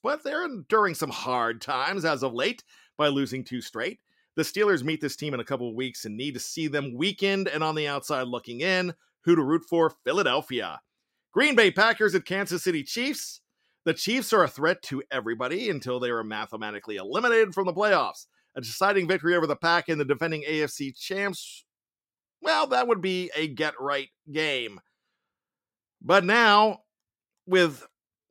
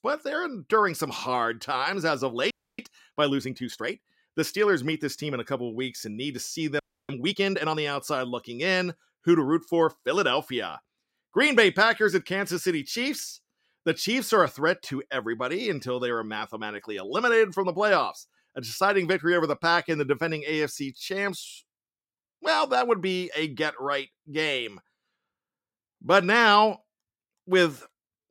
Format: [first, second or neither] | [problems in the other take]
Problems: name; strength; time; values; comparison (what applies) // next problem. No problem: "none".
first | audio freezing; at 2.5 s and at 7 s